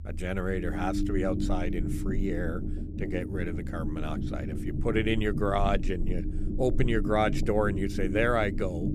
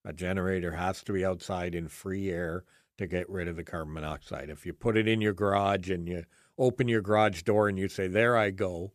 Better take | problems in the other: second | low rumble; loud; throughout; 9 dB below the speech

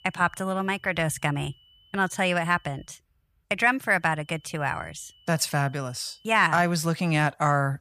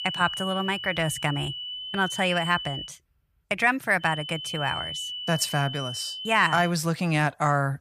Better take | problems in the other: first | high-pitched whine; loud; until 3 s and from 4 to 6.5 s; 3 kHz, 7 dB below the speech; faint in the first

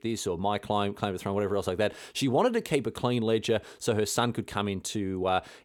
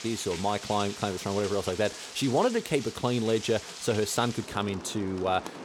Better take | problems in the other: first | rain or running water; noticeable; throughout; 10 dB below the speech

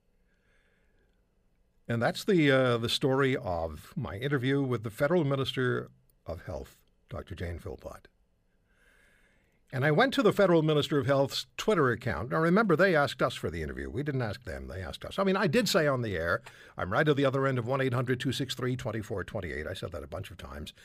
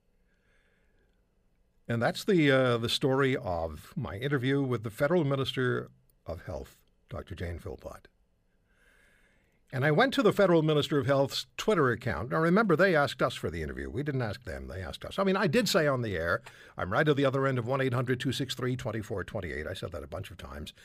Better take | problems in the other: neither | none

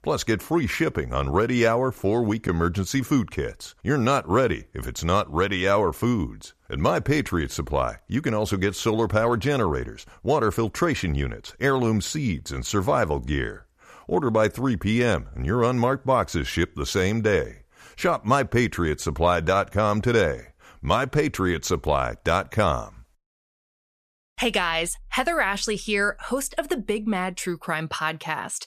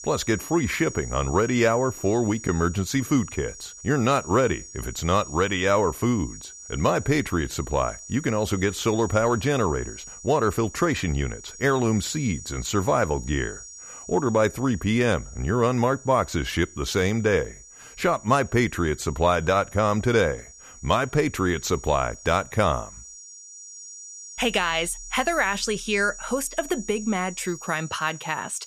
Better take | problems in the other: first | high-pitched whine; noticeable; throughout; 7 kHz, 15 dB below the speech

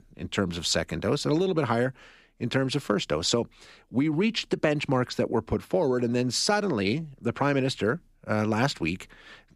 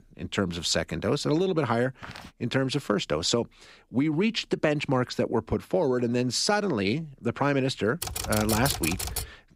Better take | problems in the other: first | footsteps; faint; at 2 s; peak 15 dB below the speech // keyboard typing; noticeable; from 8 s on; peak 2 dB below the speech

